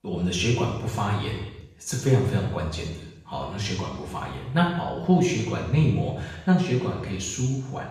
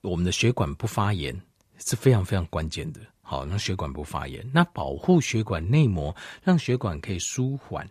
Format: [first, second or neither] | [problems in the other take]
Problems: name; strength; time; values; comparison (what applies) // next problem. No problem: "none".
second | room echo; noticeable; dies away in 0.9 s // off-mic speech; far